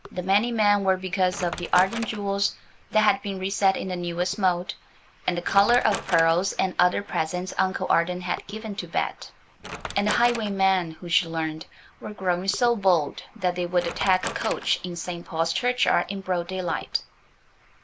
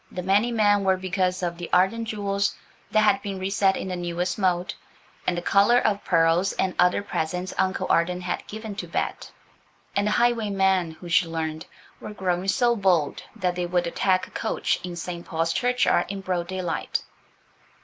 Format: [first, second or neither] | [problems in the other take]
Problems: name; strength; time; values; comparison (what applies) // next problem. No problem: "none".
second | background sound (Wood); 15 dB below the speech